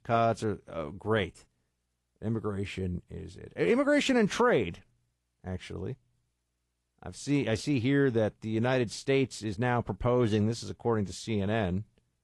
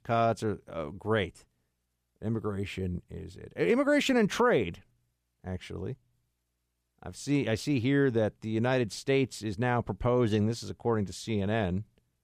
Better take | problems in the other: second | garbled, watery; slightly

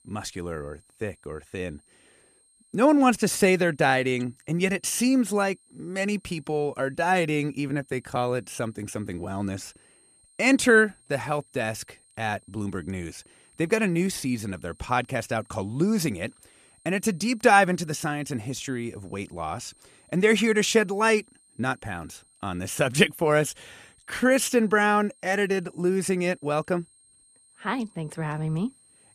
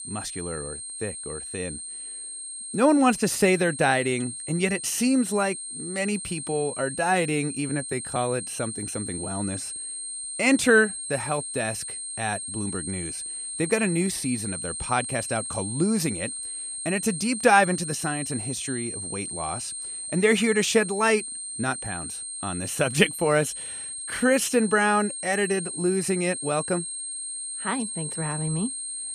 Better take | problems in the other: first | high-pitched whine; loud; throughout; 8.5 kHz, 6 dB below the speech; faint in the first

